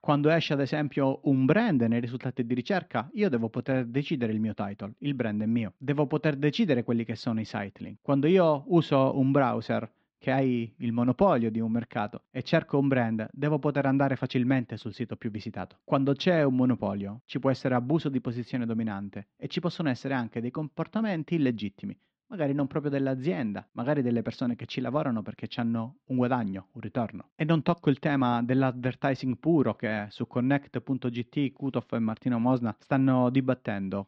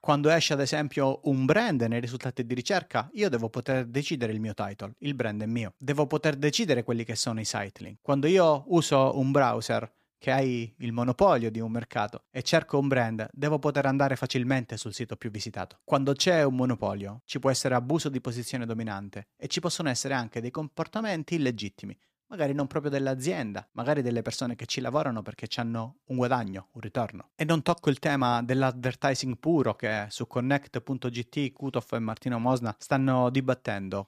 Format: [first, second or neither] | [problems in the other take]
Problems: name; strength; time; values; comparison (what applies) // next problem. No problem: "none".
second | muffled; slightly; fading above 3.5 kHz